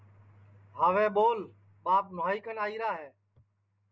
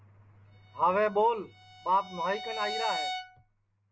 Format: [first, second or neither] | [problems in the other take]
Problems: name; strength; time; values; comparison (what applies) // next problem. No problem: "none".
first | background sound (Bowed string instrument); 9 dB below the speech